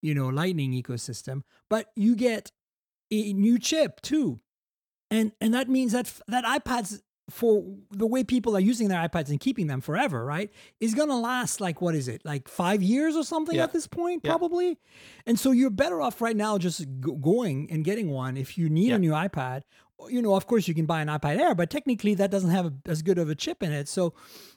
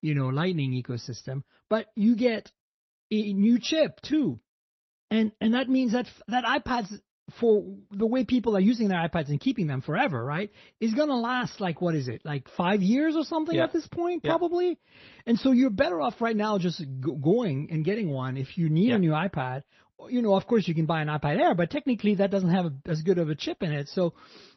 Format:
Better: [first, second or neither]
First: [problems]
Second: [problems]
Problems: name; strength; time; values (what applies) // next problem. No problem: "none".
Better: first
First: none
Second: garbled, watery; slightly; nothing above 6 kHz